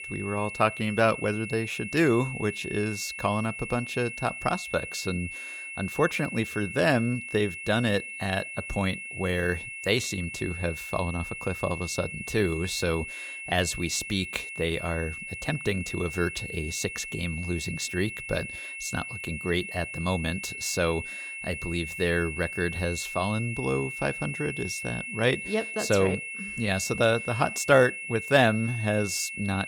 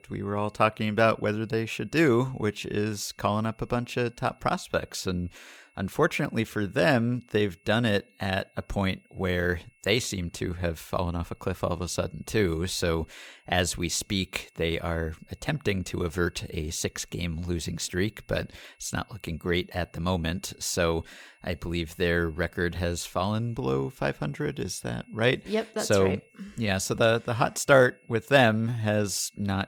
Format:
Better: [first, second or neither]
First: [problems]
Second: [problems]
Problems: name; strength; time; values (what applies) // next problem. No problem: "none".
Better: second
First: high-pitched whine; loud; throughout; 2.5 kHz, 7 dB below the speech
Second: high-pitched whine; faint; throughout; 2.5 kHz, 35 dB below the speech